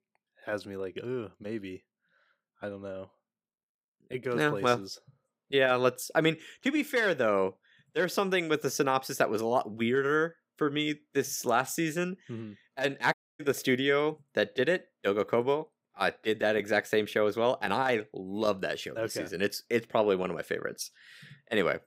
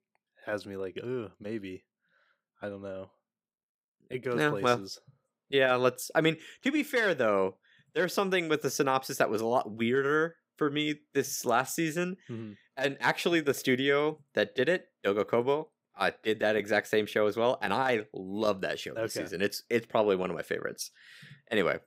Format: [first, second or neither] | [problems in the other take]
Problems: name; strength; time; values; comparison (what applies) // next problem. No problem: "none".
second | audio cutting out; at 13 s